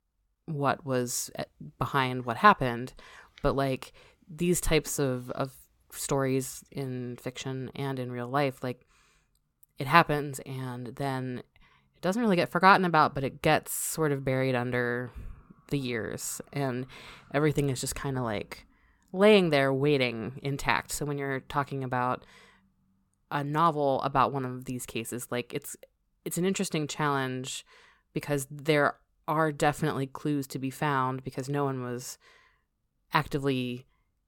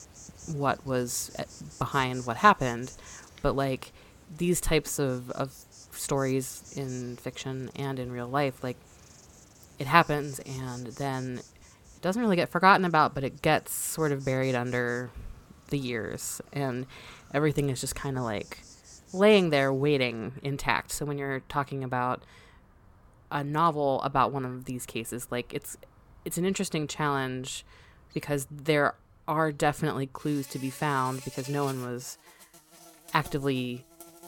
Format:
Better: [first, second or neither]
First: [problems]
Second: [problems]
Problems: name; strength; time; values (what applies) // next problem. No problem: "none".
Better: first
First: none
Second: animal sounds; faint; throughout; 20 dB below the speech